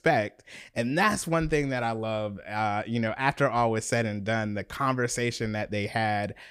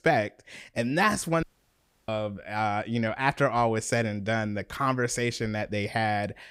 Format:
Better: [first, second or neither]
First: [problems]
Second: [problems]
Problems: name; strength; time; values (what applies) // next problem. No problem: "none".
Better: first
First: none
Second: audio cutting out; at 1.5 s for 0.5 s